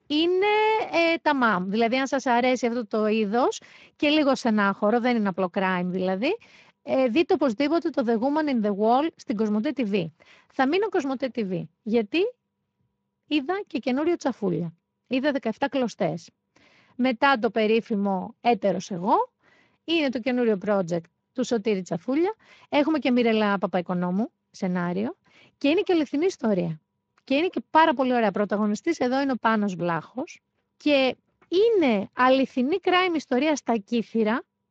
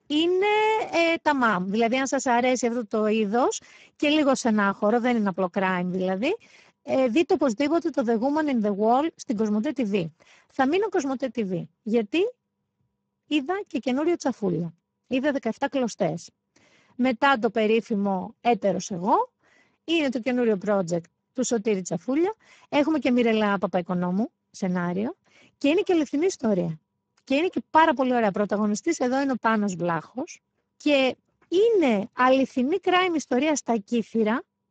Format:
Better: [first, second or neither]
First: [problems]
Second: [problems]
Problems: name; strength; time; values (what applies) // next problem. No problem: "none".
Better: first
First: garbled, watery; slightly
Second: garbled, watery; badly; nothing above 7.5 kHz